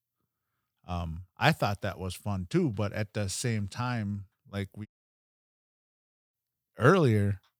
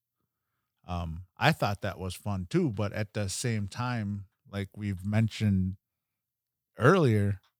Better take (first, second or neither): second